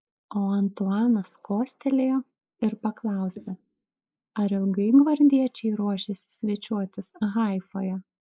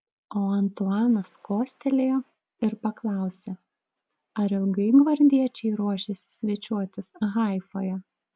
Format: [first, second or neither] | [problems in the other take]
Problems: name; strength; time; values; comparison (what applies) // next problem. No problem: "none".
second | noise reduction (neural mask model Resemble Enhance denoiser)